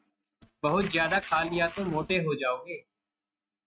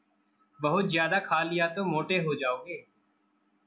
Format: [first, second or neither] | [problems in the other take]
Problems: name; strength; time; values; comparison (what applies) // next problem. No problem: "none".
second | noise reduction (neural mask model RNNoise)